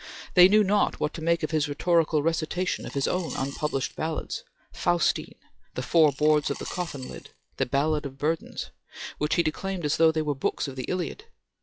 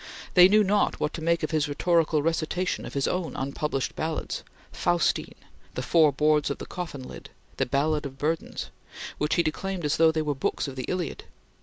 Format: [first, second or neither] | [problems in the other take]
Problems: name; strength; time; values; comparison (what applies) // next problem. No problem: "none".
second | noise reduction (classical method log-MMSE)